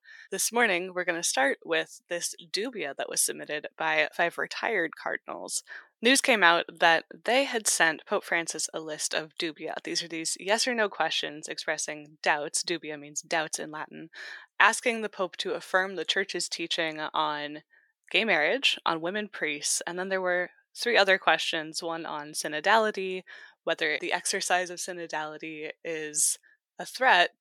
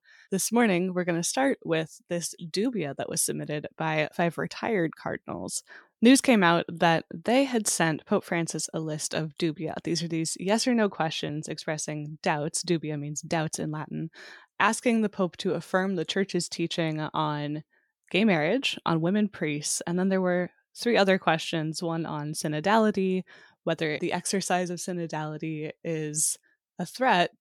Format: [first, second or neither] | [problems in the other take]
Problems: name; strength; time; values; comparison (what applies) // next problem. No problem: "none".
second | thin; somewhat; fading below 450 Hz